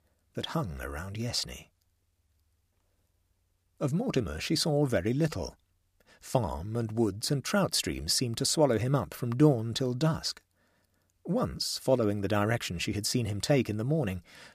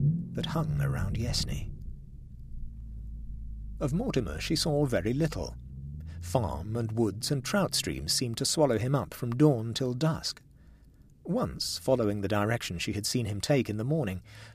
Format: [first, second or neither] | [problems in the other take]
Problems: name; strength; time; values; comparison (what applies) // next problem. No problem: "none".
first | low rumble; noticeable; throughout; 20 dB below the speech